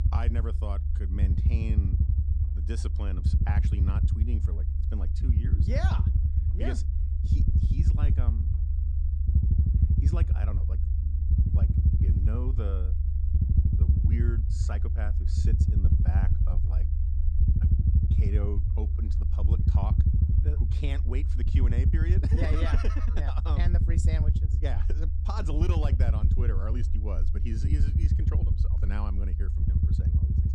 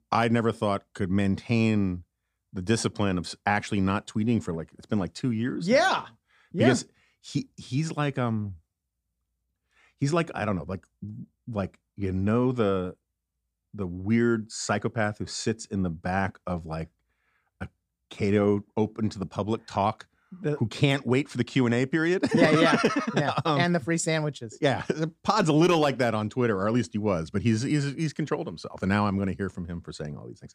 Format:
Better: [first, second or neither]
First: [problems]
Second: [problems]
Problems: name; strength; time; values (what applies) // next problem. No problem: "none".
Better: second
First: low rumble; loud; throughout; 1 dB below the speech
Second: none